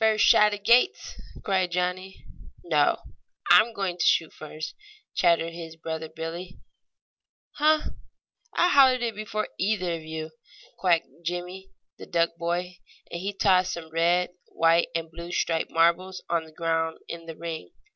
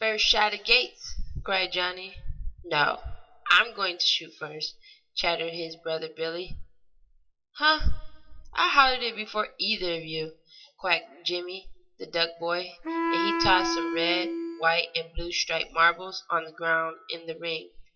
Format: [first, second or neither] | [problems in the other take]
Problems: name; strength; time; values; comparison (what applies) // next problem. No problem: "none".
first | noise reduction (classical method WPE with log-MMSE)